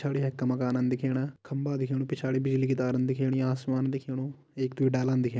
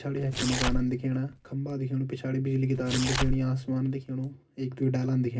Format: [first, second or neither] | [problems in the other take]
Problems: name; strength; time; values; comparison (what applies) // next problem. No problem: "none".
first | background sound (Tearing); 4 dB below the speech // room echo; dies away in 0.4 s